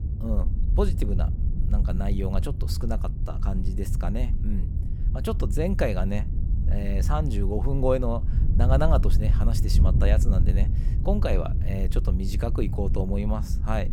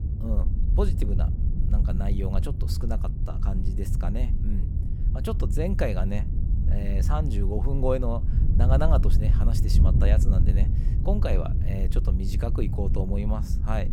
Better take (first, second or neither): first